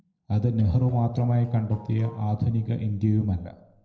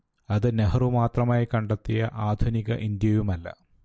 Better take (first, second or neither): second